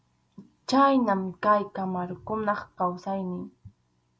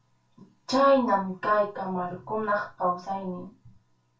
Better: first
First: none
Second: room echo; dies away in 0.2 s

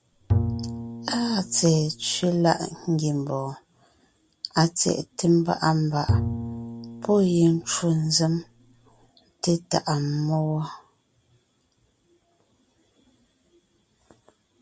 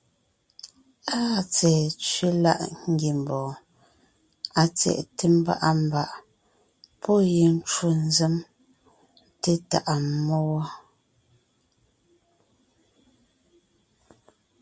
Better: second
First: background sound (Bowed string instrument); 5 dB below the speech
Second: none

